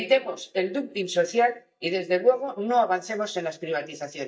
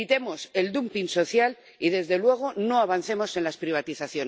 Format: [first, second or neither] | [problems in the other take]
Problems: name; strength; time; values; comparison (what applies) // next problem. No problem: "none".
second | noise reduction (neural mask model DeepFilterNet 3)